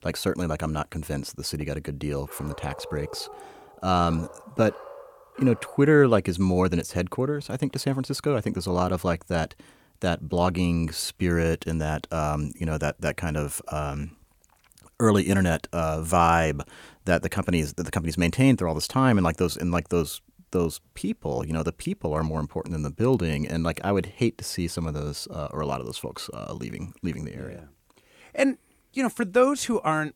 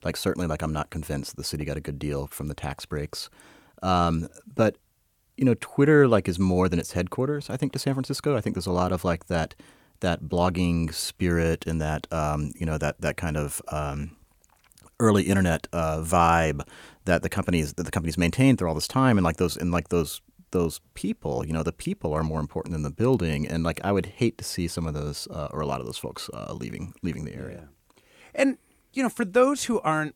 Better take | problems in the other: second | dog barking; faint; from 2.5 to 6 s; peak 15 dB below the speech

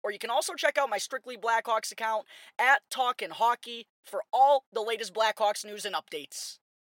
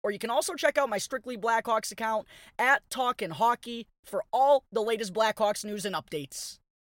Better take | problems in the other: second | thin; somewhat; fading below 400 Hz

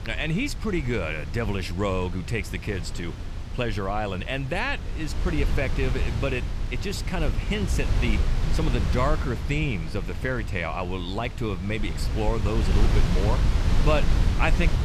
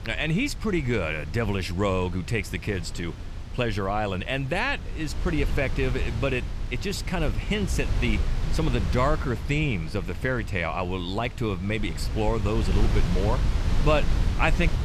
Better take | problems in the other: second | wind noise on the microphone; heavy; 8 dB below the speech; occasional gusts in the second

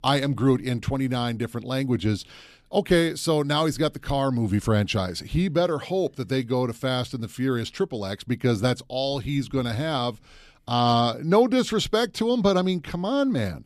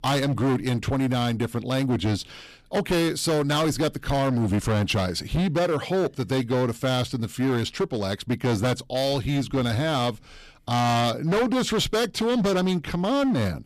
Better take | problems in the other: first | distortion; heavy; 21% of the sound clipped

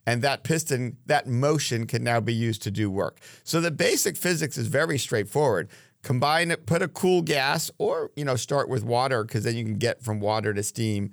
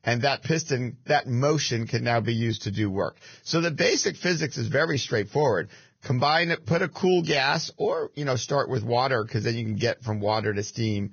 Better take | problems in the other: first | garbled, watery; badly; nothing above 6.5 kHz

